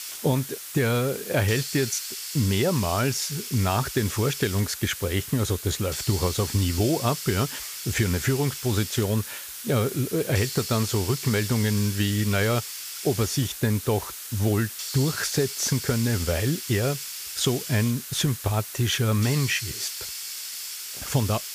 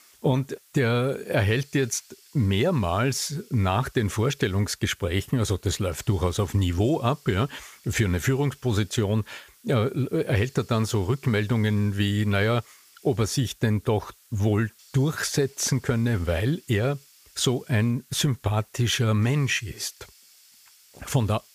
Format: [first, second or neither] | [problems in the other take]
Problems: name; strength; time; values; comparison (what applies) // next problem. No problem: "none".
second | hiss; loud; throughout; 7 dB below the speech; faint in the second